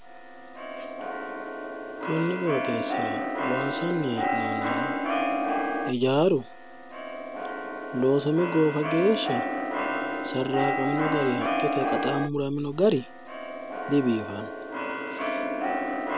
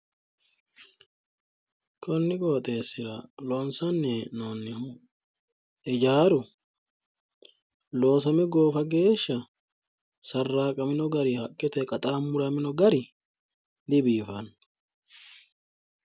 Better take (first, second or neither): second